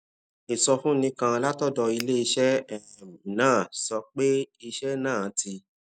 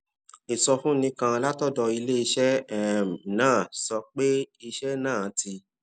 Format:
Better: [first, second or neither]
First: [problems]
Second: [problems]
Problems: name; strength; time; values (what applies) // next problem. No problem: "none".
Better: second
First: noise reduction (neural mask model DeepFilterNet 3)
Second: none